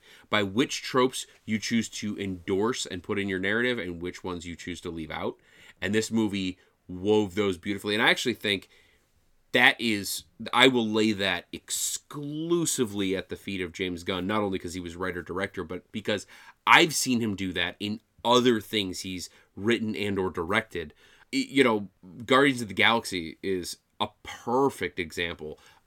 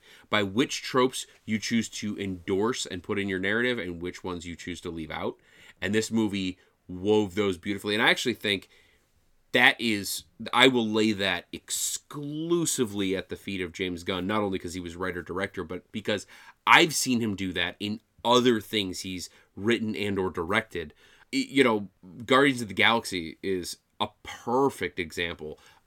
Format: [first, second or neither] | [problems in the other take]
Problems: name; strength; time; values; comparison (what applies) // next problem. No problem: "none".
neither | none